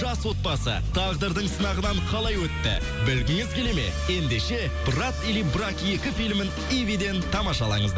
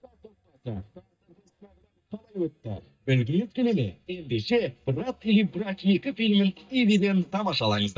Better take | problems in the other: first | noise reduction (neural mask model DeepFilterNet 3)

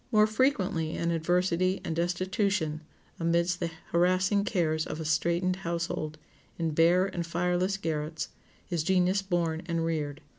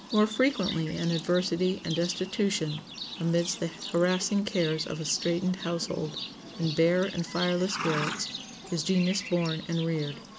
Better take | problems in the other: first | background sound (Livestock, farm animals, working animals); 10 dB below the speech

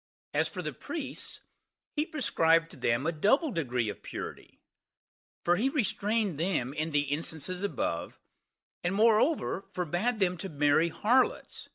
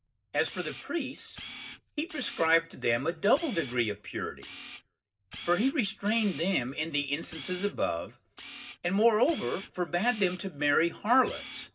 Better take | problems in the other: first | background sound (Camera); 17 dB below the speech // room echo; dies away in 0.4 s

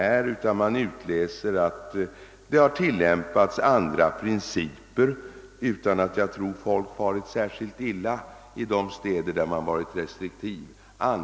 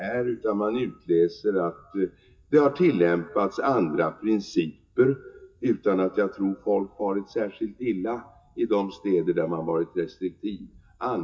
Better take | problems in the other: first | noise reduction (classical method WPE with log-MMSE)

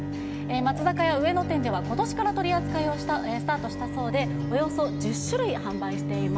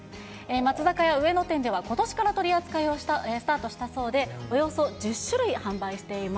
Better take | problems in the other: second | background sound (Bowed string instrument); 3 dB below the speech

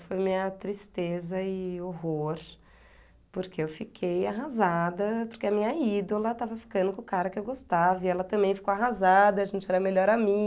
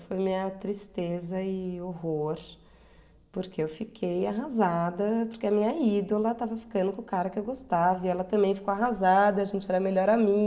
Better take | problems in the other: first | room echo; dies away in 1.2 s

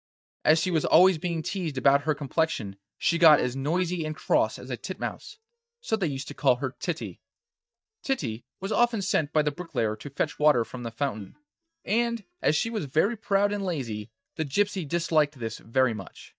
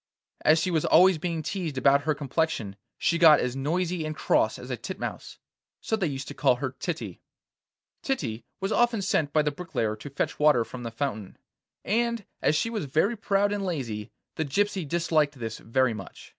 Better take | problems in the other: second | noise reduction (neural mask model DeepFilterNet 3)

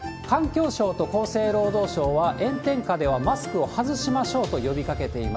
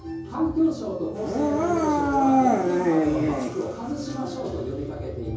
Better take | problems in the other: first | background sound (Dog); 4 dB above the speech // room echo; dies away in 0.6 s

